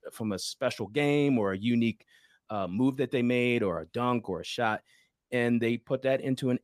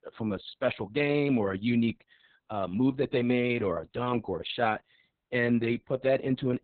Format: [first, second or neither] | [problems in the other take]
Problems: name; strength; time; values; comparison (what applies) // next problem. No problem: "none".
first | garbled, watery; badly; nothing above 4 kHz